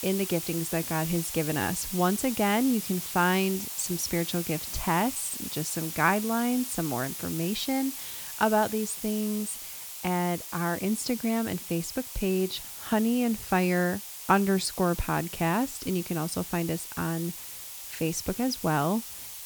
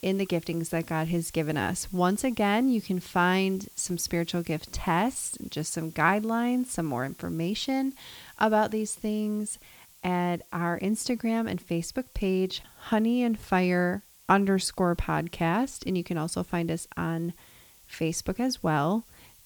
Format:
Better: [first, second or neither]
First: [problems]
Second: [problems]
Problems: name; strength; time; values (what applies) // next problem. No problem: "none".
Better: second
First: hiss; loud; throughout; 7 dB below the speech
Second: hiss; faint; throughout; 25 dB below the speech